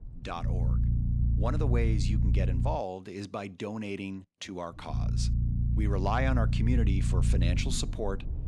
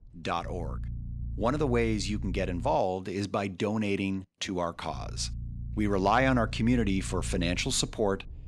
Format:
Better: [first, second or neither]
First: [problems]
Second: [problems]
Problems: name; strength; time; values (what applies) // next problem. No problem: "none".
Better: second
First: low rumble; loud; until 2.5 s and from 4.5 s on; 7 dB below the speech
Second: low rumble; faint; until 2.5 s and from 4.5 s on; 25 dB below the speech